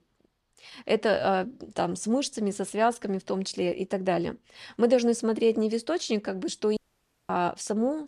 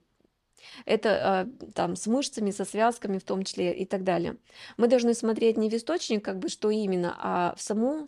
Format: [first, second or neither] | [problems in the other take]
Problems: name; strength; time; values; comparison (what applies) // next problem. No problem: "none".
second | audio cutting out; at 7 s for 0.5 s